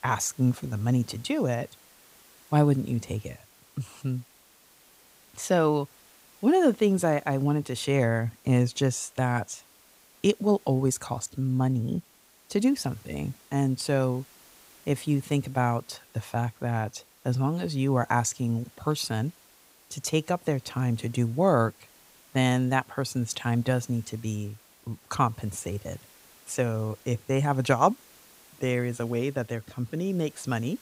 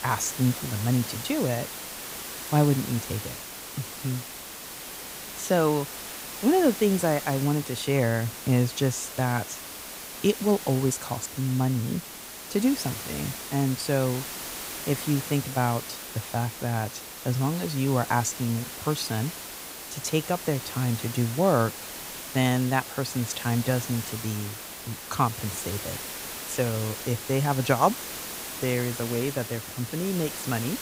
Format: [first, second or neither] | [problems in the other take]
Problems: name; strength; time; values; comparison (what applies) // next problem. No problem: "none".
first | hiss; loud; throughout; 8 dB below the speech; faint in the first